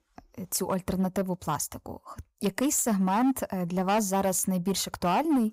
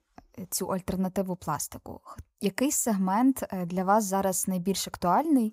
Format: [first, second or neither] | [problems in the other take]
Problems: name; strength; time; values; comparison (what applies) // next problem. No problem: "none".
second | distortion; slight; 8% of the sound clipped